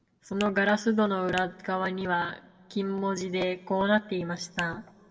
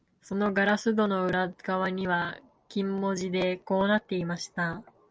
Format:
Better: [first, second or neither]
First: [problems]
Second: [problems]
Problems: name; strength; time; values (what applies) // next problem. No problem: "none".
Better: second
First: background sound (Finger snapping); 17 dB below the speech // room echo; dies away in 1.8 s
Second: none